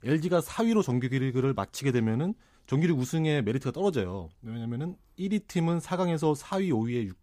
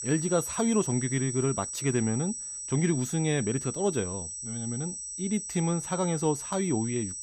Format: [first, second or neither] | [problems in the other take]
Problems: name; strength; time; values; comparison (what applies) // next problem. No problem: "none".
first | high-pitched whine; loud; throughout; 8 kHz, 5 dB below the speech